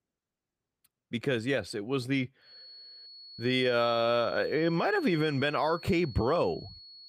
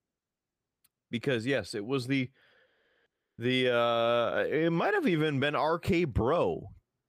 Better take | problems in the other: second | high-pitched whine; noticeable; from 2.5 s on; 4.5 kHz, 15 dB below the speech

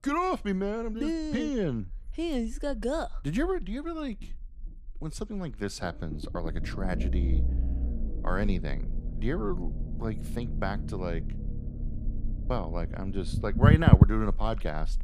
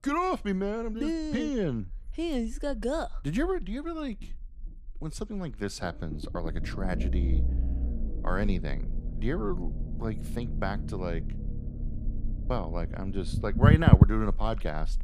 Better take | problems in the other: neither | low rumble; loud; throughout; 6 dB below the speech; the same in both

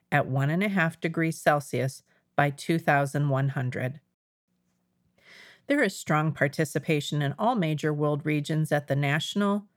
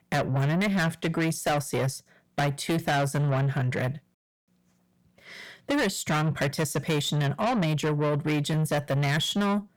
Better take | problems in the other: first | distortion; heavy; 7 dB below the speech

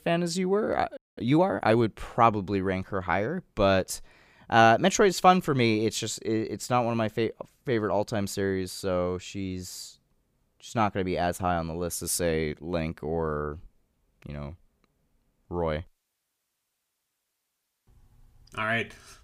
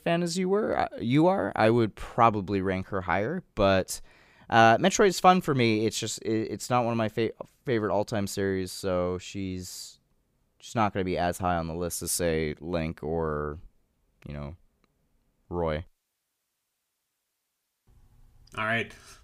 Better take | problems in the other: second | audio freezing; at 1 s

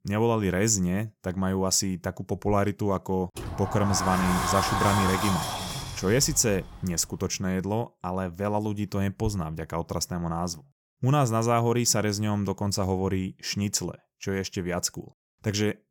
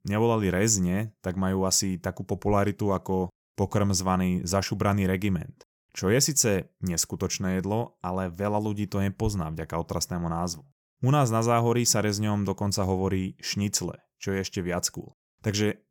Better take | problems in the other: second | door banging; loud; from 3.5 to 7 s; peak 1 dB above the speech

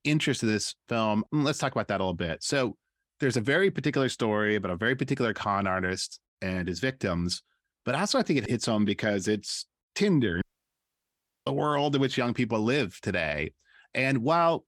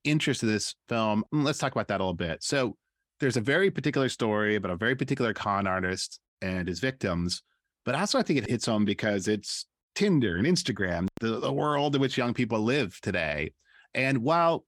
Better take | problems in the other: second | audio cutting out; at 10 s for 1 s

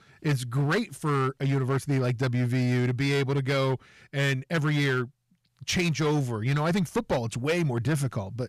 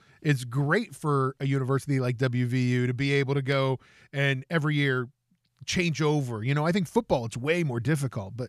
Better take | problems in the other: second | distortion; slight; 13% of the sound clipped

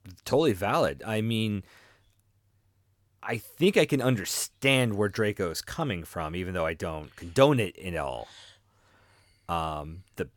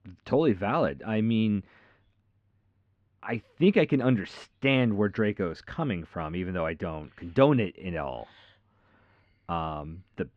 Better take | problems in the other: first | muffled; very; fading above 3 kHz

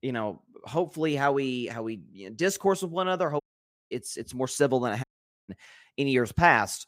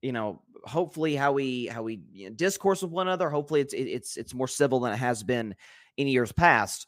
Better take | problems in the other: second | audio cutting out; at 3.5 s for 0.5 s and at 5 s

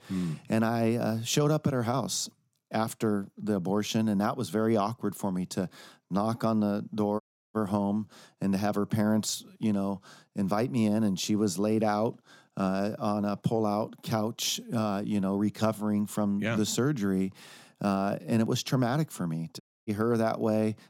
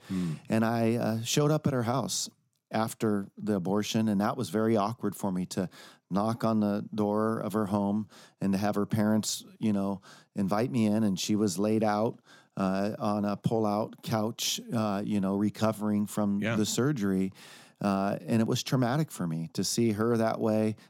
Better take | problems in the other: second | audio cutting out; at 7 s and at 20 s

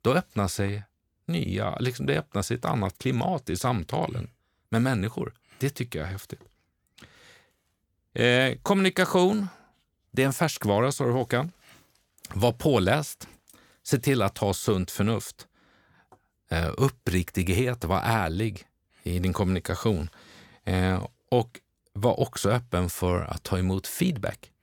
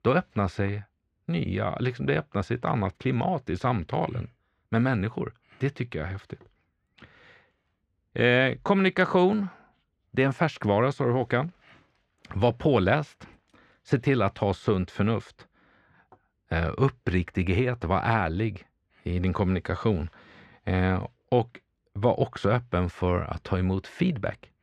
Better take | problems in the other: first | muffled; slightly; fading above 2.5 kHz

